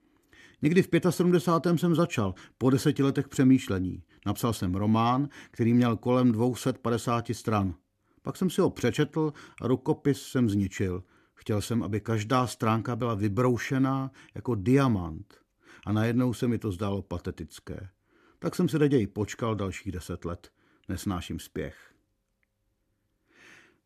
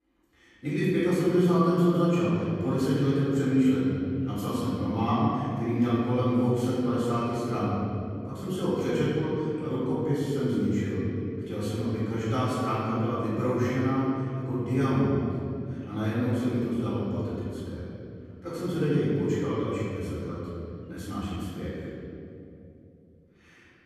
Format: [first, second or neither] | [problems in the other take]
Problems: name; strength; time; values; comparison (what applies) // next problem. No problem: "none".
first | off-mic speech; far // room echo; strong; dies away in 2.8 s